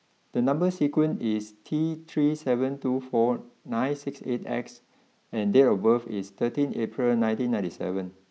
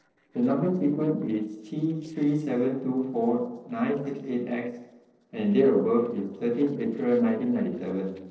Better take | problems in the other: first | noise reduction (neural separator model SepFormer DNS4)

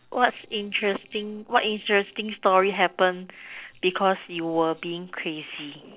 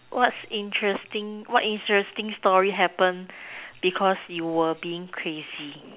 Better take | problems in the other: second | noise reduction (neural separator model SepFormer DNS4)

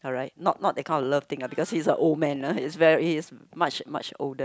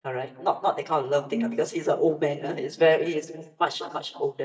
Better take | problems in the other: first | noise reduction (neural mask model DeepFilterNet 3)

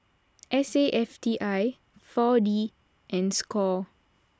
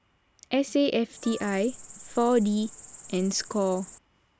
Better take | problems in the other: first | background sound (Wind instrument, woodwind instrument + Cricket); 16 dB below the speech

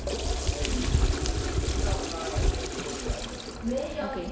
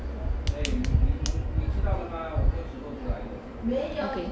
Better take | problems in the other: second | background sound (Toilet flush / Water); 7 dB below the speech

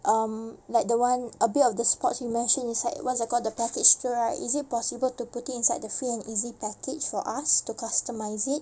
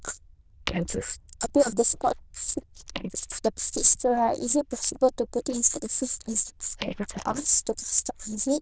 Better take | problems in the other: first | noise reduction (neural diffusion model UNIVERSE++)

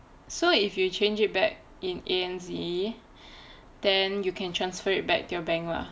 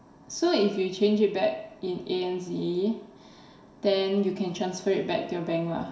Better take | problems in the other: first | room echo; dies away in 0.7 s

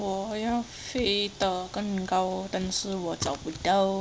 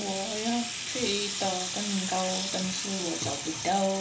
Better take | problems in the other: first | background sound (Sink (filling or washing) / Water tap, faucet); 3 dB below the speech // room echo; dies away in 0.3 s

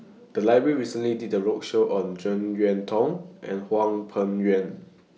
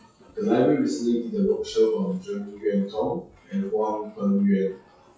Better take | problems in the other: first | noise reduction (classical method WPE with log-MMSE)

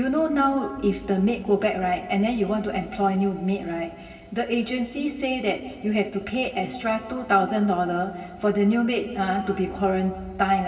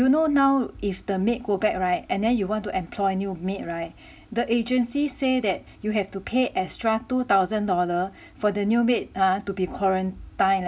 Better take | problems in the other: second | room echo; dies away in 2 s

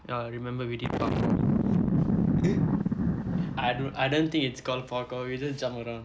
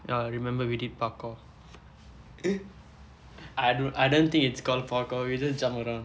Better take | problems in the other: second | background sound (Boom); 3 dB above the speech

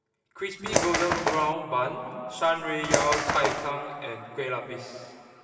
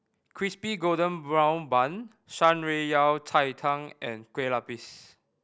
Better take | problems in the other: second | background sound (Bird); 3 dB above the speech // room echo; dies away in 2.8 s

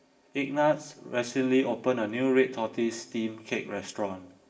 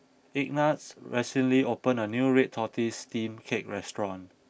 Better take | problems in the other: second | room echo; dies away in 0.8 s

